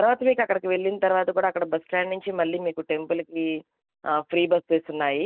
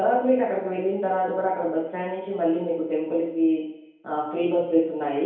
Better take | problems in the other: first | room echo; dies away in 2.2 s

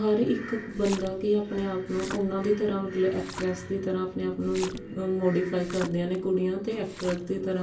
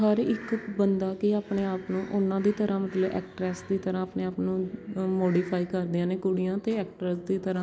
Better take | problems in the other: second | background sound (Splash, splatter); 16 dB below the speech // room echo; dies away in 0.3 s

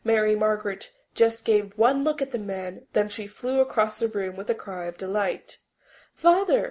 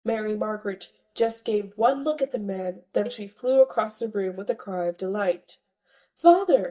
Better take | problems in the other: first | noise reduction (neural mask model DeepFilterNet 3)

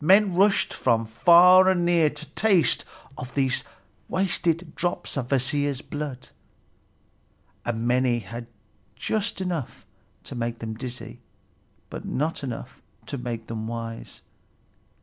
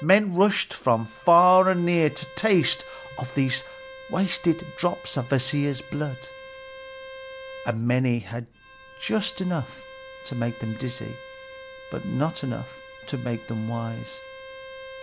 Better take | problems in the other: first | background sound (Bowed string instrument); 17 dB below the speech

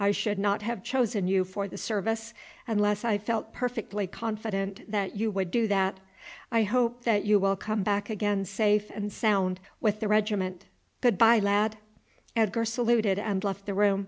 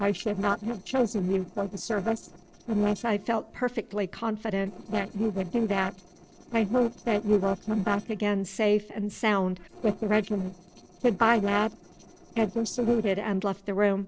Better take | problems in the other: first | noise reduction (neural separator model SepFormer DNS4)

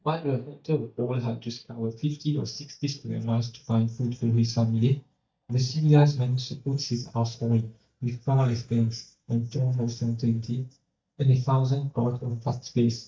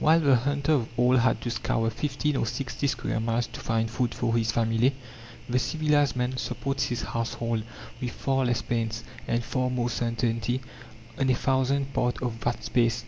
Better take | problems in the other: second | noise reduction (neural mask model DeepFilterNet 3)

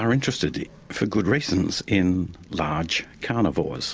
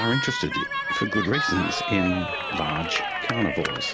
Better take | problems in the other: first | background sound (Cheering); 1 dB below the speech

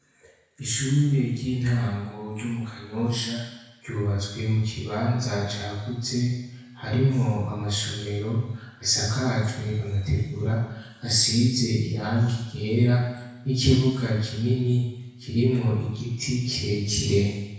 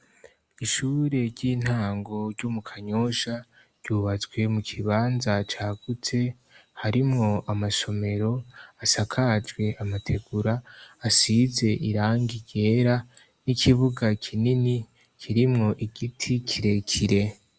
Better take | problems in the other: second | room echo; dies away in 1 s

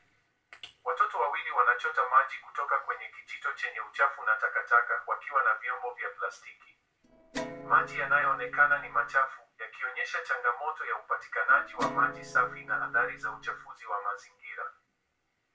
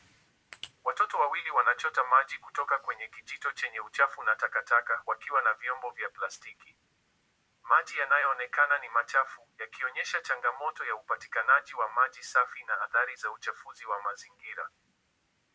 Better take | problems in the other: second | noise reduction (neural separator model SepFormer DNS4)

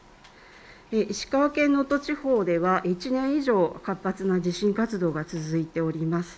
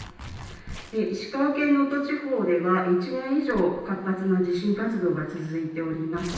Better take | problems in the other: first | background sound (Tearing); 19 dB below the speech // room echo; dies away in 0.9 s

